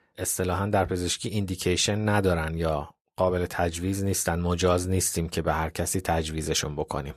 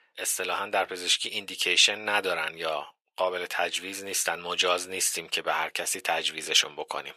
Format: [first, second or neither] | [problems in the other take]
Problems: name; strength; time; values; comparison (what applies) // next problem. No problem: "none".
first | thin; very; fading below 550 Hz